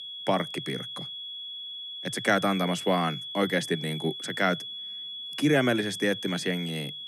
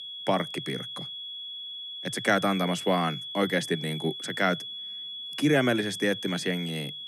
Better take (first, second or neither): neither